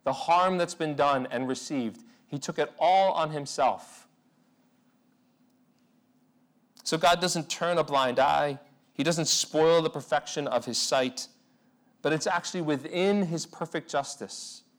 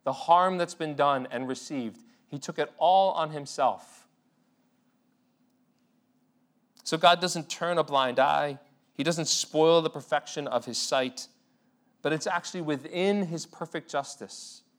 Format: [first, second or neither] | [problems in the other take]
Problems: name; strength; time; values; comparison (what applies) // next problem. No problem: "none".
second | distortion; slight; 10 dB below the speech